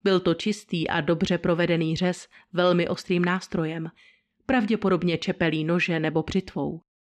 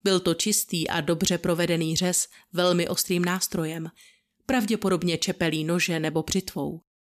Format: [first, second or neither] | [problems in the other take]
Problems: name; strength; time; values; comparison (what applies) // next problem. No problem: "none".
second | muffled; slightly; fading above 2.5 kHz